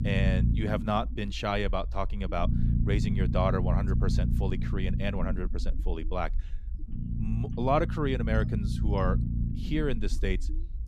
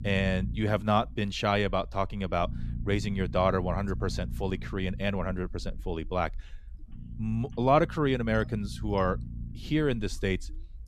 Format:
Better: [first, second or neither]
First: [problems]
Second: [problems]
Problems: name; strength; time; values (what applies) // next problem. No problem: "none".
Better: second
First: low rumble; loud; throughout; 10 dB below the speech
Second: low rumble; faint; throughout; 20 dB below the speech